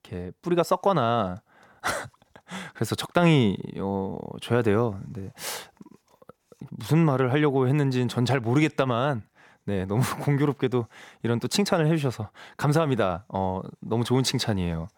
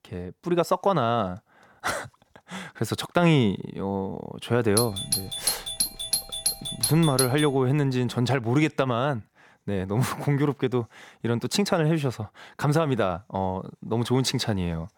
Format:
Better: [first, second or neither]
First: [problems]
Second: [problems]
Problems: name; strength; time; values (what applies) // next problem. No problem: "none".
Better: first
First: none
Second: doorbell; loud; from 5 to 7.5 s; peak 1 dB above the speech